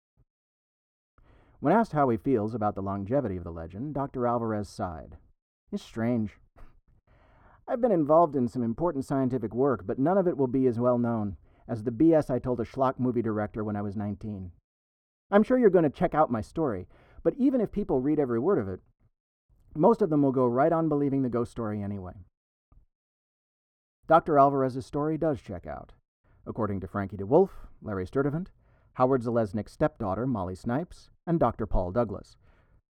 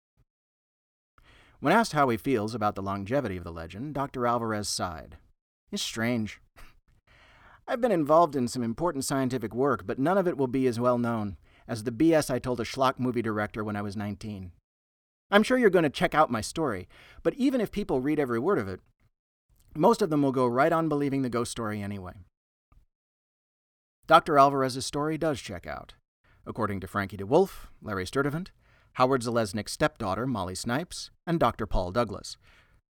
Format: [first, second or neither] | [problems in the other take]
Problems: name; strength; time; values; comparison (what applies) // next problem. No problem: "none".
second | muffled; very; fading above 1.5 kHz